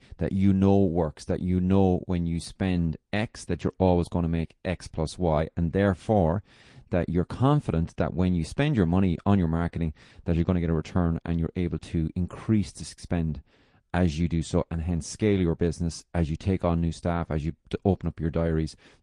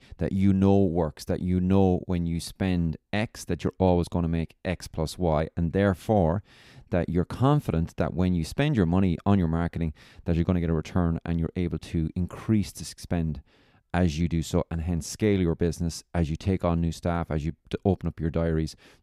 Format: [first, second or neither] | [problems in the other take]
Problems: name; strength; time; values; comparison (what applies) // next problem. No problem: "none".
second | garbled, watery; slightly; nothing above 10 kHz